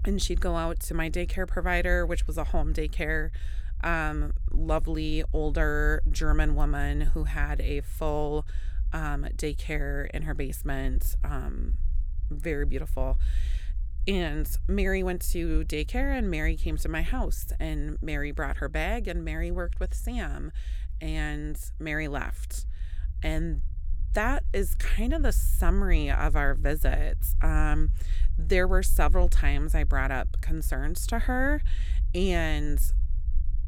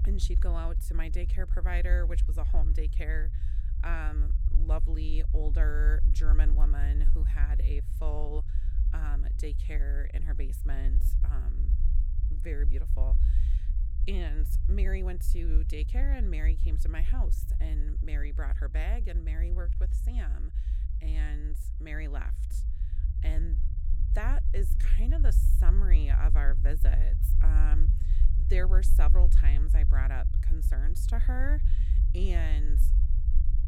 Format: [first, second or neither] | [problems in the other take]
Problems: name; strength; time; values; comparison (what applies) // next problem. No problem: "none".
first | low rumble; loud; throughout; 8 dB below the speech; faint in the first